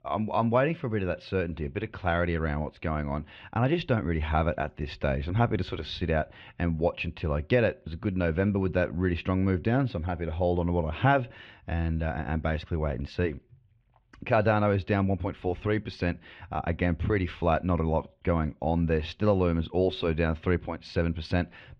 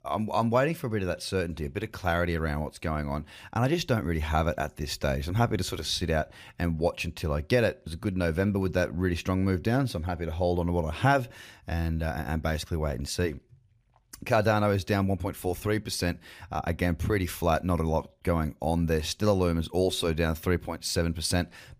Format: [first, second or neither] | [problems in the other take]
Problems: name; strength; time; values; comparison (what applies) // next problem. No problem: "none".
second | muffled; slightly; fading above 3 kHz